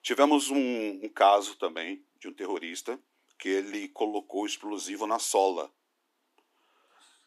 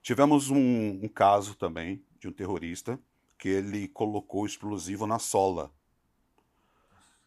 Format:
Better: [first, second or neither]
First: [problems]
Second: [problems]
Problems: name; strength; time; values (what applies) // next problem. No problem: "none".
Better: second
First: thin; very slightly; fading below 300 Hz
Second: none